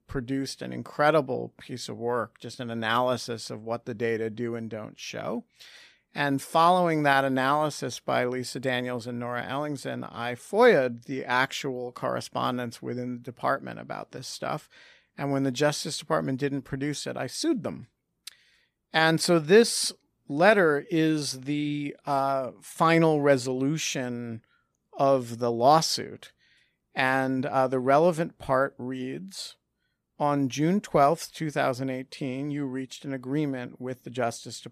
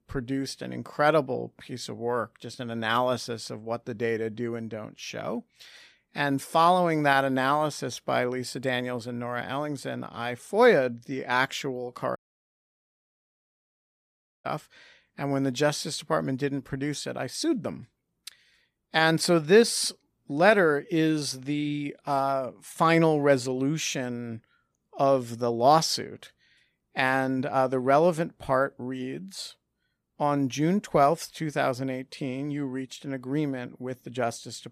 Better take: first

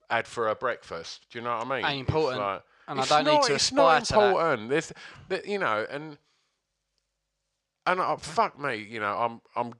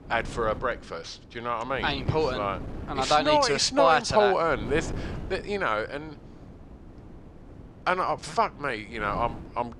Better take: first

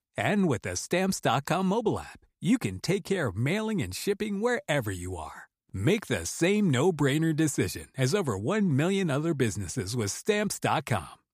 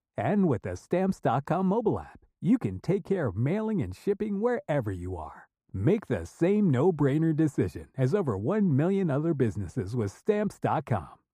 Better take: first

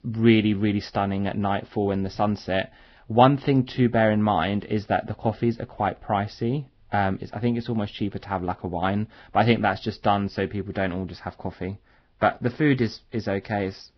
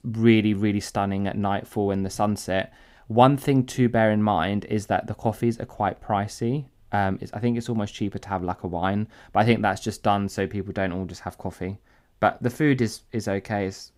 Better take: second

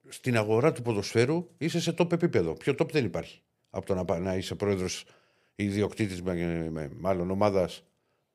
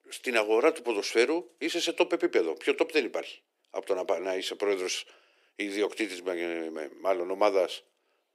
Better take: first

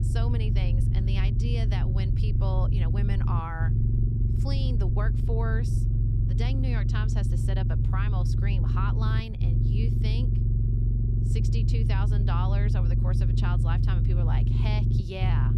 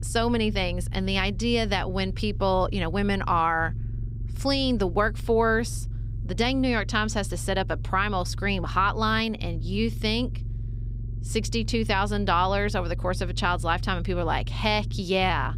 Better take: second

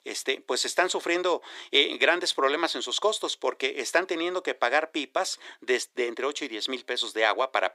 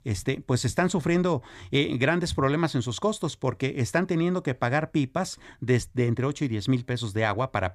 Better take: second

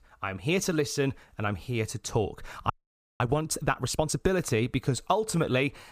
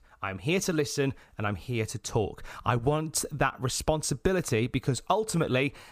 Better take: second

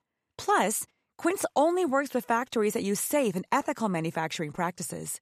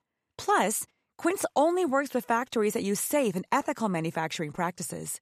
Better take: neither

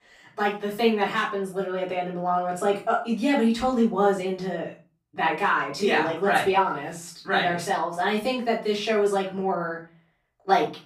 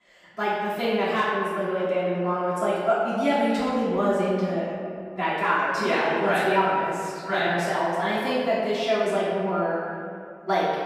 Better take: first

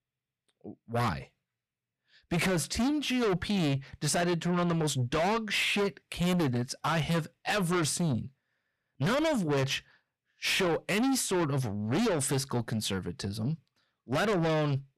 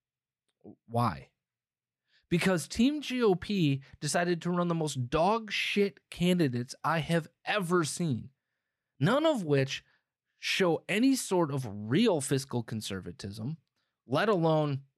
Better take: second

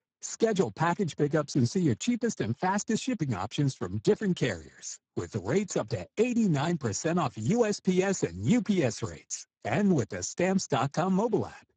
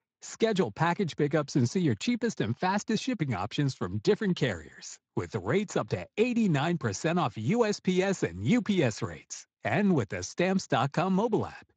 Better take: second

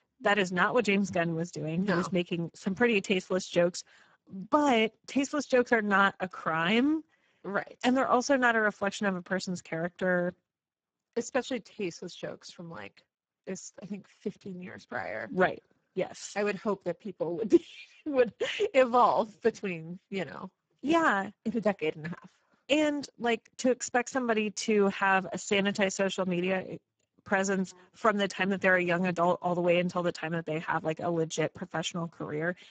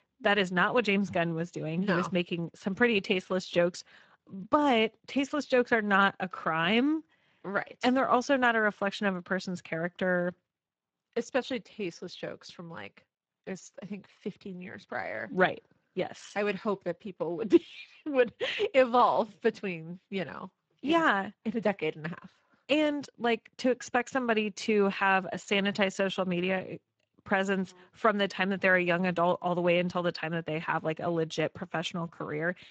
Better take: second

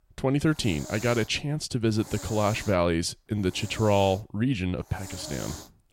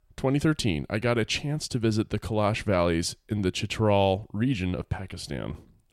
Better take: second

